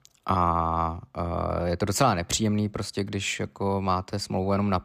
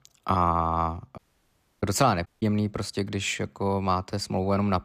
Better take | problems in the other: first | audio cutting out; at 1 s for 0.5 s and at 2.5 s

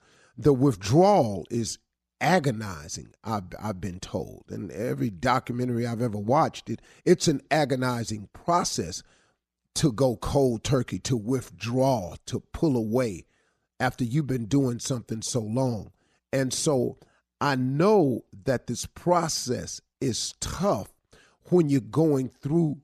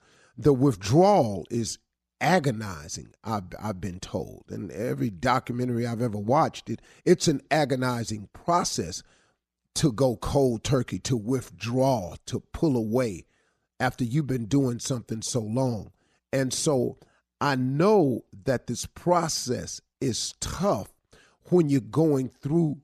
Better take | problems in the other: neither | none

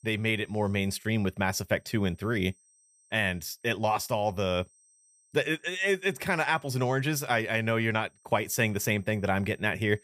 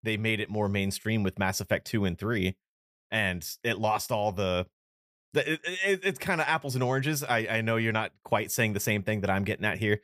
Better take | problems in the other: second | high-pitched whine; faint; throughout; 8.5 kHz, 35 dB below the speech

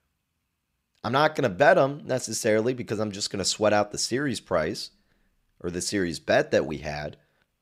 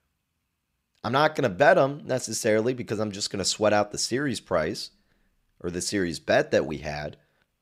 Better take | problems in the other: neither | none

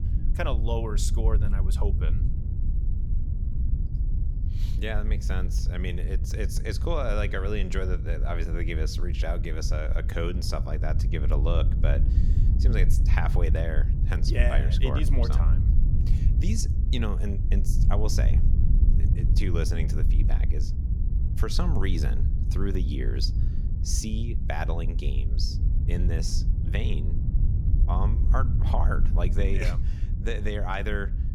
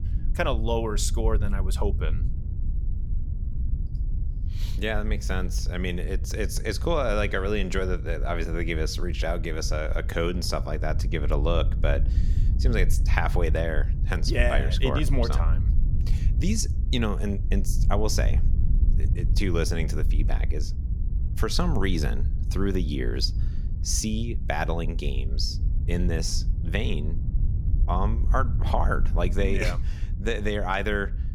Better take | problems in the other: second | wind noise on the microphone; heavy; 8 dB below the speech; occasional gusts in the second

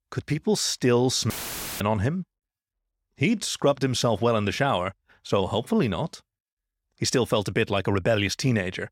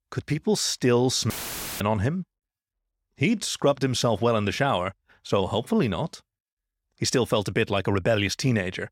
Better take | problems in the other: neither | audio cutting out; filled with static; at 1.5 s for 0.5 s; the same in both

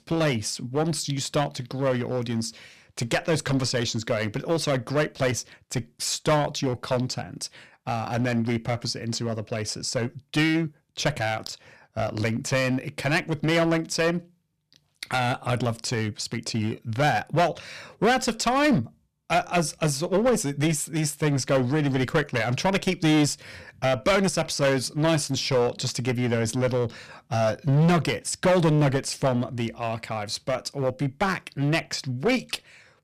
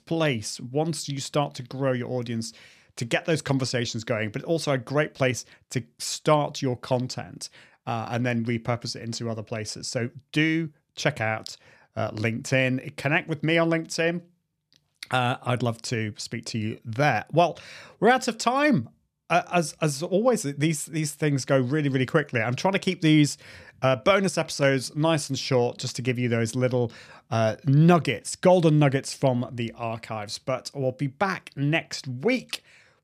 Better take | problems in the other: second | distortion; heavy; 8% of the sound clipped

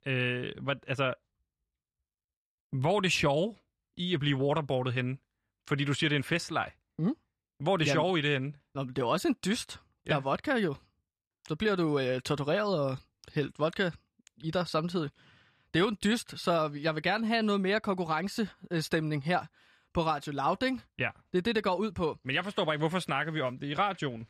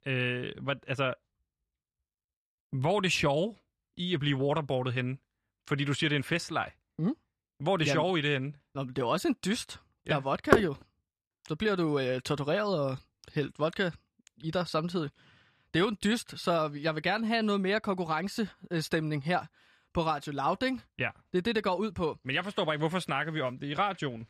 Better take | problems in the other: first | door banging; loud; at 11 s; peak 5 dB above the speech

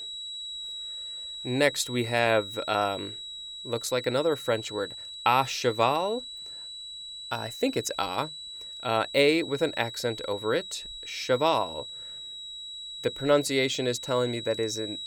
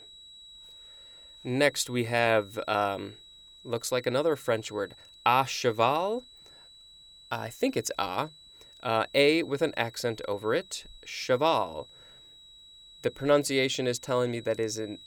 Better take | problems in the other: second | high-pitched whine; loud; throughout; 4 kHz, 9 dB below the speech; faint in the second

